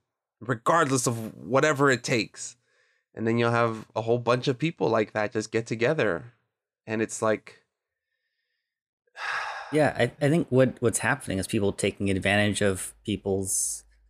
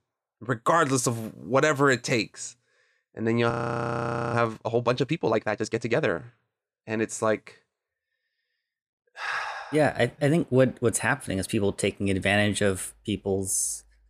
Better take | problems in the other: first | audio freezing; at 3.5 s for 1 s

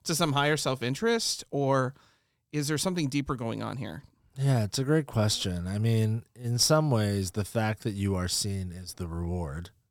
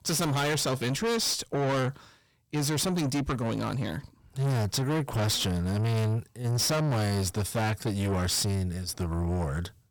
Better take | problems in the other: first | distortion; heavy; 6 dB below the speech

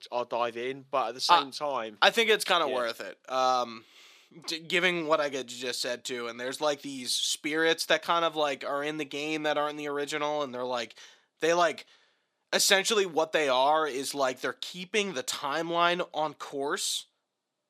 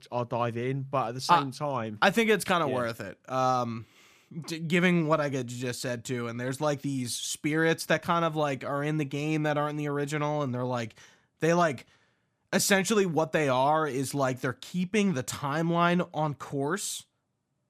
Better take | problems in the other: second | thin; somewhat; fading below 450 Hz

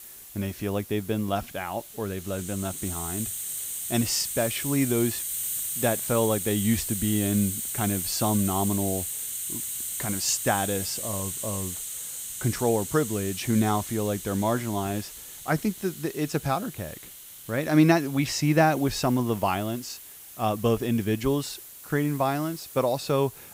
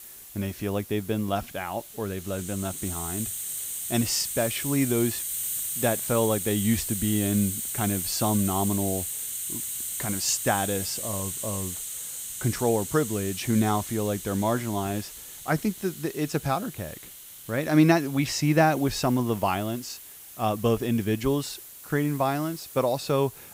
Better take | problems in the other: neither | hiss; loud; throughout; 5 dB below the speech; the same in both

